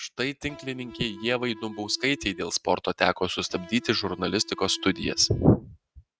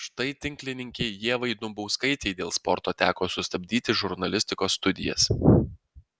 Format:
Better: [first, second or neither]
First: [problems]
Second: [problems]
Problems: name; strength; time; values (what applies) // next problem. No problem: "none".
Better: second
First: noise reduction (neural mask model RNNoise)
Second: none